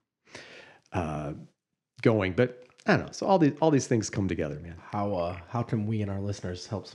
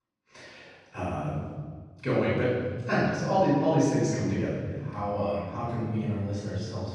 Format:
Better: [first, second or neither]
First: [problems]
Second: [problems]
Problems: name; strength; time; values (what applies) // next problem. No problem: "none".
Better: first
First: none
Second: off-mic speech; far // room echo; strong; dies away in 1.5 s